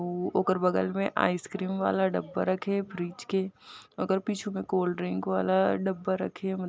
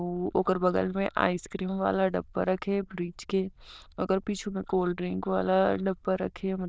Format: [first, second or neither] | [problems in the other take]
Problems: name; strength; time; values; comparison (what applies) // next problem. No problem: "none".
first | noise reduction (neural diffusion model UNIVERSE++)